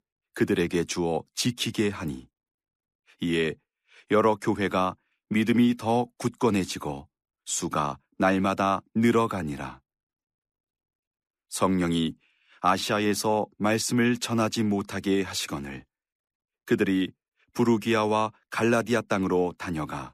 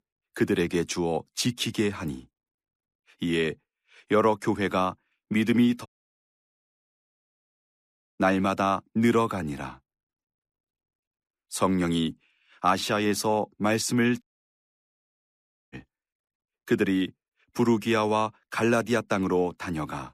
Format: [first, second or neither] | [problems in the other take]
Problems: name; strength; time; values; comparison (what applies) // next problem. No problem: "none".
first | audio cutting out; at 6 s for 2.5 s and at 14 s for 1.5 s